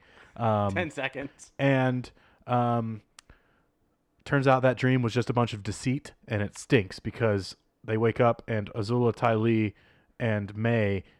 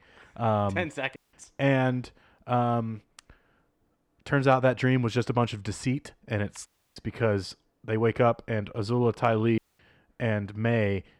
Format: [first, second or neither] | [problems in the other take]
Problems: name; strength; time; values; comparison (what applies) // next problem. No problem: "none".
first | audio cutting out; at 1 s, at 6.5 s and at 9.5 s